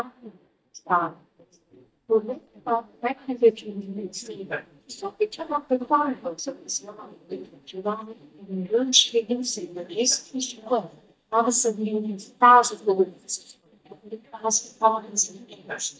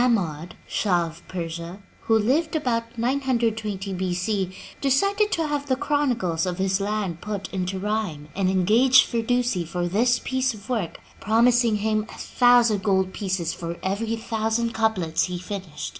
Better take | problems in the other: second | noise reduction (neural mask model DeepFilterNet 3)

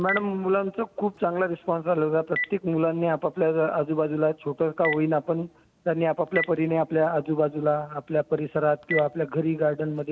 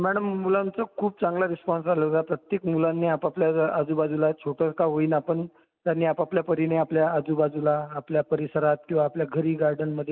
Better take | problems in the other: second | background sound (Telephone); 14 dB below the speech

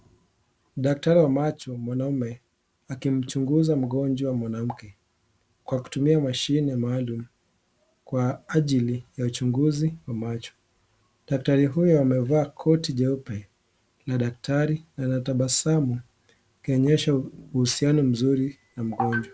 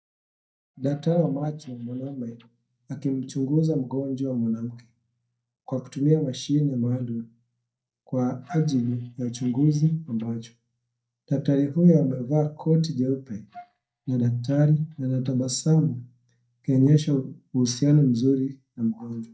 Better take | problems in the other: first | noise reduction (neural mask model DeepFilterNet 3)

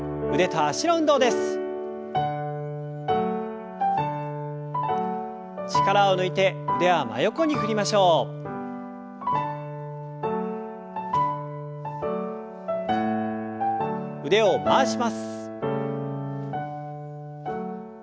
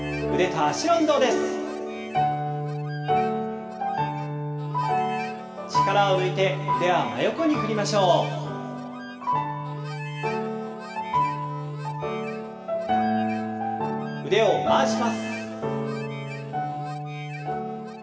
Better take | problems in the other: first | background sound (Harmonica); 18 dB below the speech // room echo; dies away in 2.3 s

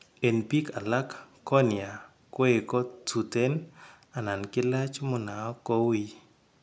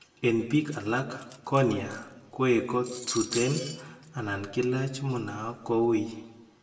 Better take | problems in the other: first | background sound (Cutlery, silverware); 14 dB below the speech // room echo; dies away in 0.9 s

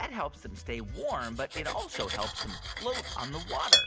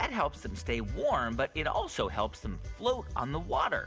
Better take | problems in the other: second | background sound (Cutlery, silverware); 2 dB above the speech

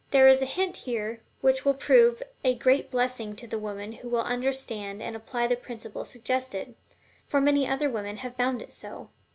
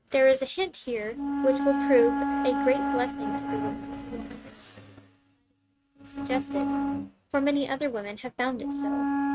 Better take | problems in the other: first | noise reduction (neural mask model RNNoise)

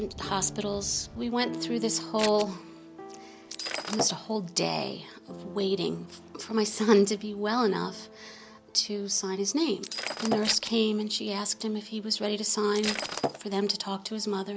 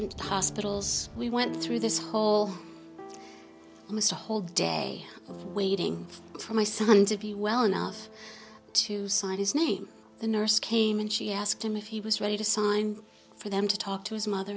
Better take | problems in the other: second | background sound (Scissors + Shatter); 5 dB below the speech

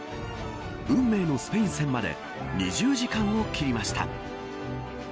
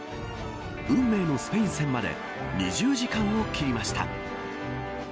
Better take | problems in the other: first | background sound (Guitar); 11 dB below the speech

